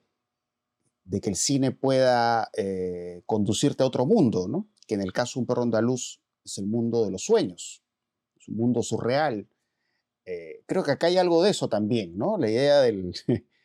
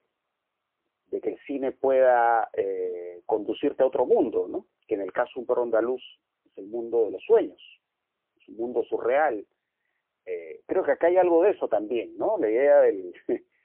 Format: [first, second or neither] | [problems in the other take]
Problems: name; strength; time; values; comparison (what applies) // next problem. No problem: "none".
first | phone-call audio; poor line